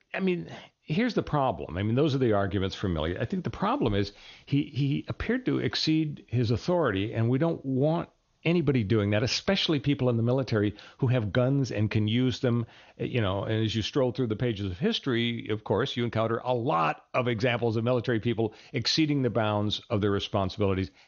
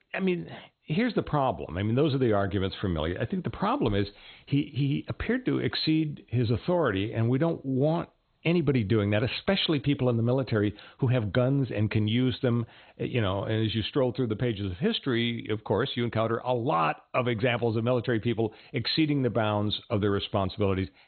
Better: first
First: garbled, watery; slightly; nothing above 6.5 kHz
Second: garbled, watery; badly; nothing above 4 kHz

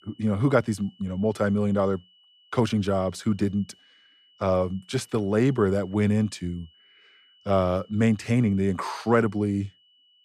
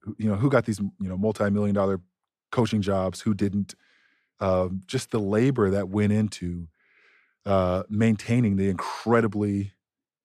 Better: second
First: high-pitched whine; faint; throughout; 3 kHz, 30 dB below the speech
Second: none

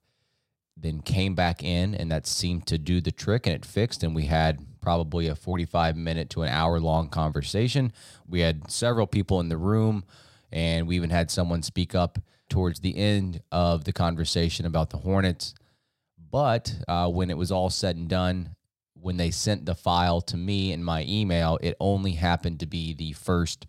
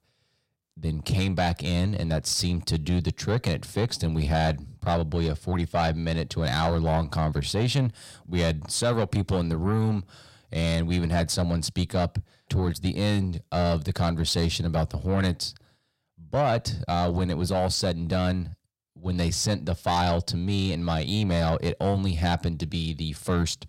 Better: first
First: none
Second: distortion; slight; 10 dB below the speech

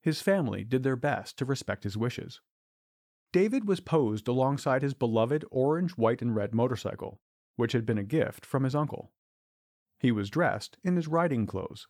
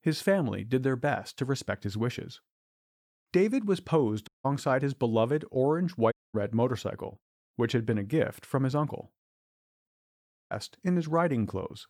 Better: first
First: none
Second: audio cutting out; at 4.5 s, at 6 s and at 10 s for 0.5 s

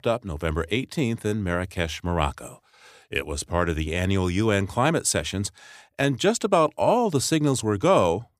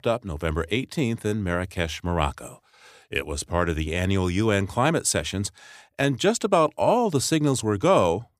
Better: neither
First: none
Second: none

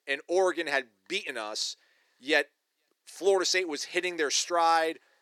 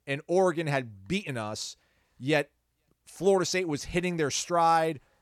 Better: second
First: thin; somewhat; fading below 350 Hz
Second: none

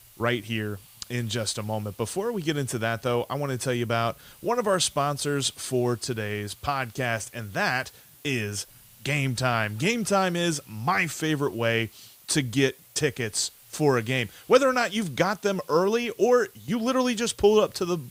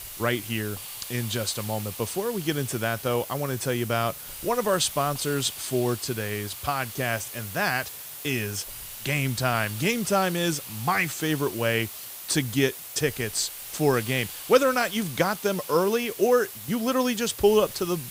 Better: first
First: hiss; faint; throughout; 25 dB below the speech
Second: hiss; loud; throughout; 10 dB below the speech

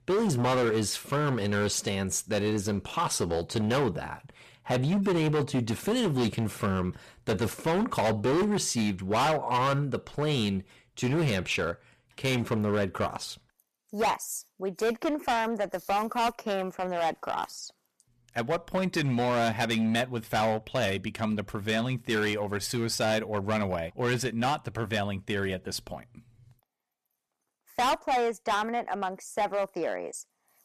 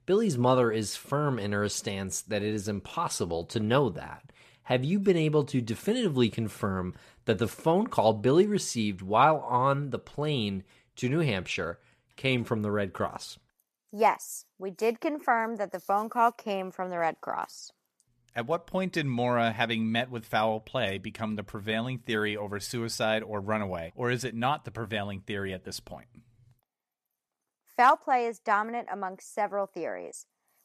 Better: second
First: distortion; heavy; 13% of the sound clipped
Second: none

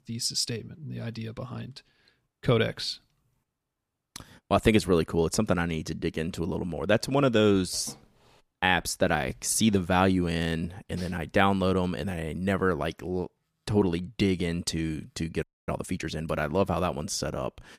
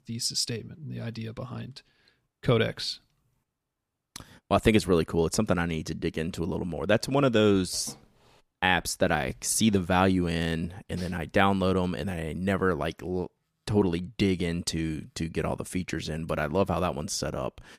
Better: second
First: audio freezing; at 15 s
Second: none

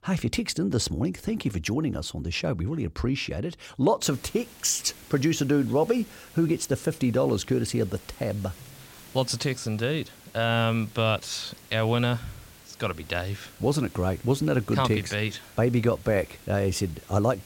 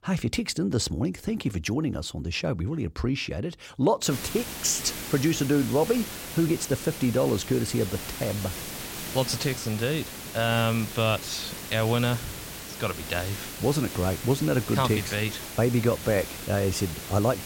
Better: first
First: hiss; faint; from 4 s on; 20 dB below the speech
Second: hiss; loud; from 4 s on; 9 dB below the speech

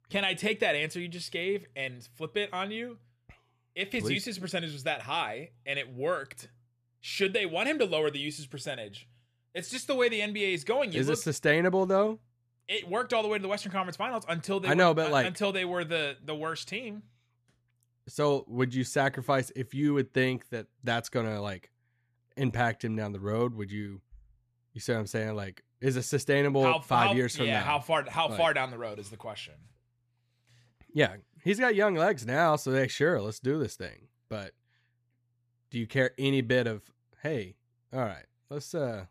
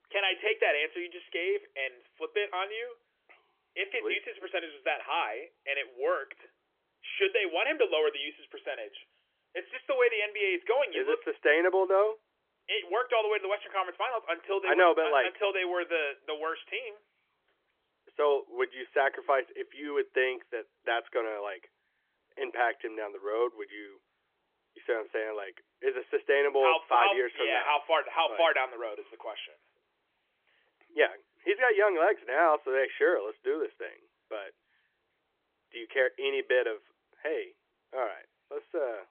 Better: first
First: none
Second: phone-call audio; nothing above 3.5 kHz

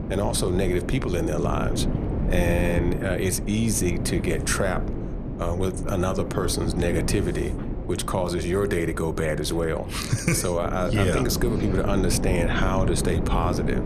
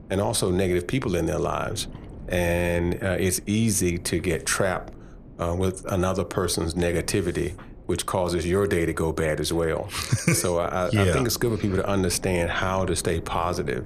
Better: second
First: wind noise on the microphone; heavy; 8 dB below the speech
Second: wind noise on the microphone; occasional gusts; 25 dB below the speech

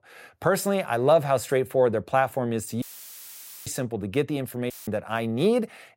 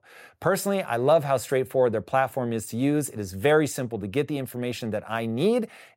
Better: second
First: audio cutting out; filled with static; at 3 s for 1 s and at 4.5 s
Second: none

